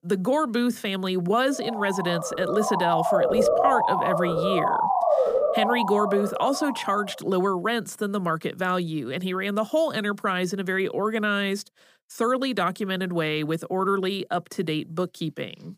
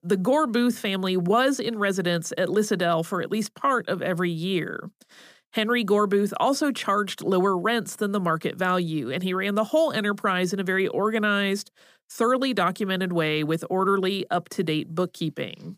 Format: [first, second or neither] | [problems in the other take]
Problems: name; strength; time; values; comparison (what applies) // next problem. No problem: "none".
second | siren; loud; from 1.5 to 7 s; peak 5 dB above the speech